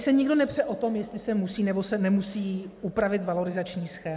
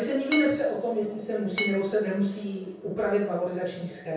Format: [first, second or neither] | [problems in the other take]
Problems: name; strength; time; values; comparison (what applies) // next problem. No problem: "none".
first | background sound (Glass); 5 dB below the speech // room echo; dies away in 0.6 s